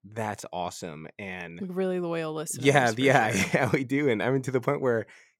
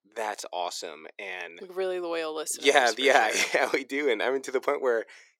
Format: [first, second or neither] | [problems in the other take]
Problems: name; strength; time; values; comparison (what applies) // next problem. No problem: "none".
first | thin; somewhat; fading below 350 Hz